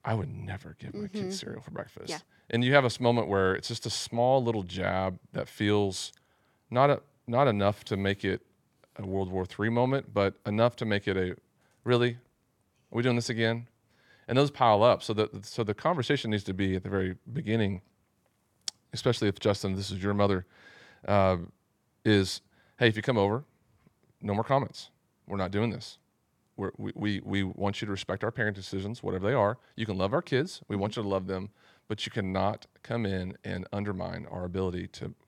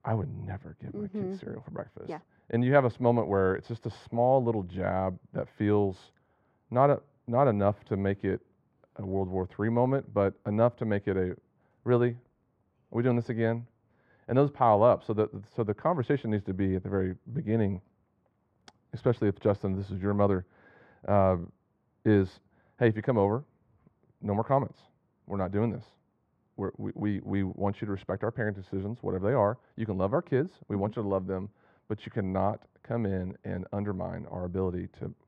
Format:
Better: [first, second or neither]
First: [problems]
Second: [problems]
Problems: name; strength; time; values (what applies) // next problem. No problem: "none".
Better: first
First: none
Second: muffled; very; fading above 2.5 kHz